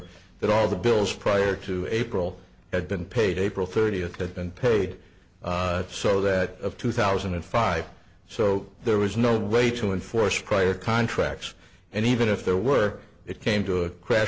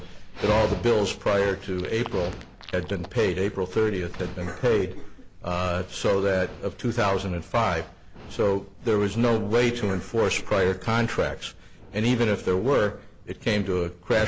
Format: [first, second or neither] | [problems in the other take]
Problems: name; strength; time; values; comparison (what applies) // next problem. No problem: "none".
first | background sound (Dog + Cough); 14 dB below the speech